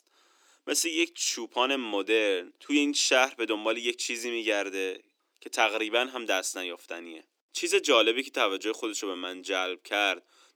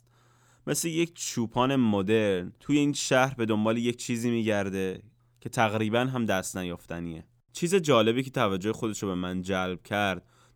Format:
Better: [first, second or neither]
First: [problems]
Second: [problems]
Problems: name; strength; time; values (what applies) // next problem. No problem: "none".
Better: second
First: thin; somewhat; fading below 300 Hz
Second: none